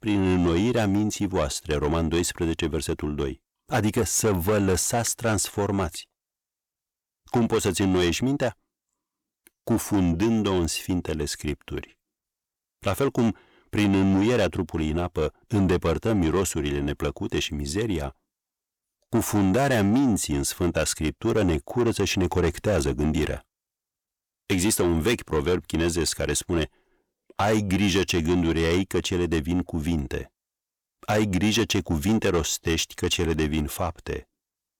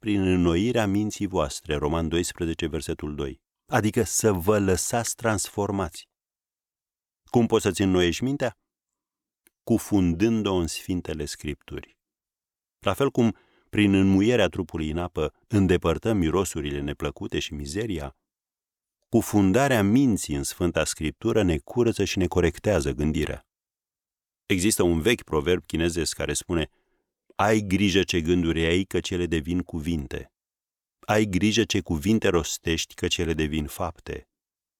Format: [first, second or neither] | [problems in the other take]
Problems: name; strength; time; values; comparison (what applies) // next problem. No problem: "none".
second | distortion; slight; 10 dB below the speech